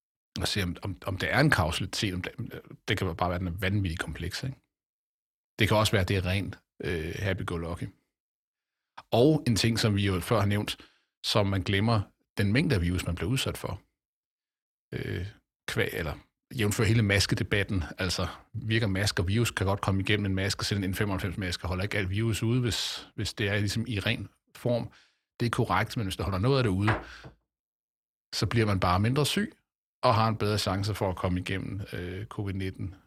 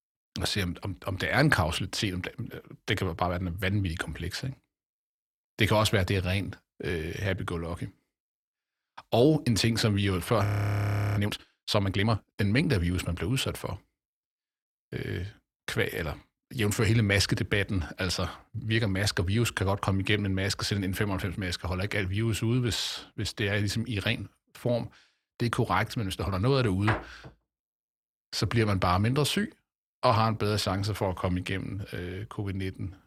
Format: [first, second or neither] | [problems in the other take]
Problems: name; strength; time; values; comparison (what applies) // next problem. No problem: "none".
first | audio freezing; at 10 s for 0.5 s